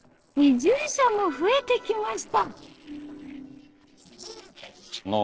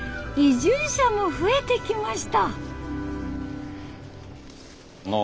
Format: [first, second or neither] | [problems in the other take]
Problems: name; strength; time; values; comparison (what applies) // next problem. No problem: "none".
second | noise reduction (neural separator model SepFormer DNS4)